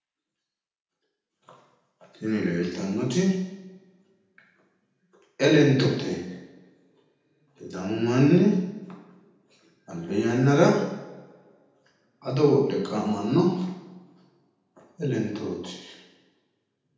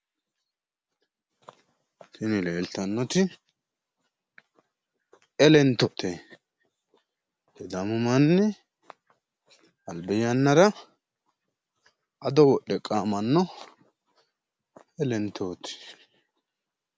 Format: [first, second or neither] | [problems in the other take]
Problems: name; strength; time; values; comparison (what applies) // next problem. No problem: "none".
second | room echo; dies away in 0.9 s